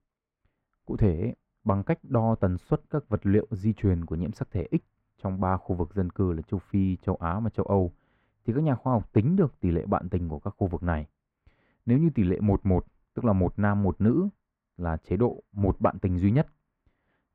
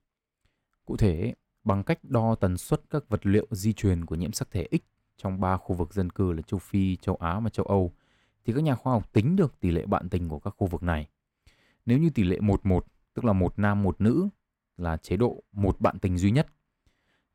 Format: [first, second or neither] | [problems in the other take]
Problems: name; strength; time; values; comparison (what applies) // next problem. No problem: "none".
second | muffled; very; fading above 4 kHz